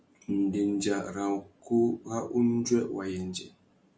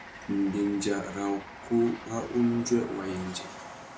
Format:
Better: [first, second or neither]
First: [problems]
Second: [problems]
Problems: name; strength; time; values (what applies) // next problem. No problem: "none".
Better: first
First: none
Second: background sound (Train); 14 dB below the speech